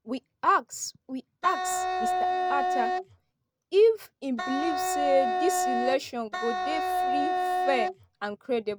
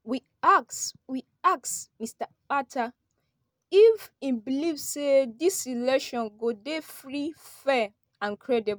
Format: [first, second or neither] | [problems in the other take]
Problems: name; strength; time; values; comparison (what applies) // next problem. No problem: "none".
second | background sound (Wind instrument, woodwind instrument); 1 dB above the speech